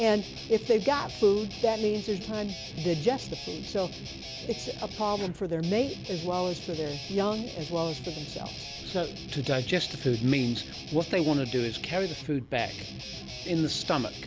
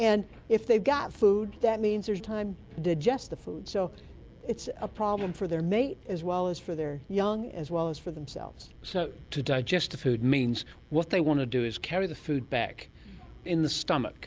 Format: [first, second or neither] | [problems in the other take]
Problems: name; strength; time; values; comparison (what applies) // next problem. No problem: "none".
second | background sound (Guitar); 11 dB below the speech